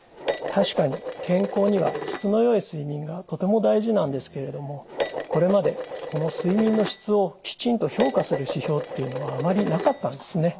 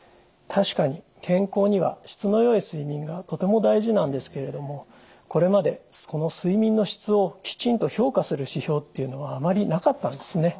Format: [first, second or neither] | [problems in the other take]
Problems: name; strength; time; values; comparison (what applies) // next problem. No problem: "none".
second | background sound (Dishes, pots, and pans); 8 dB below the speech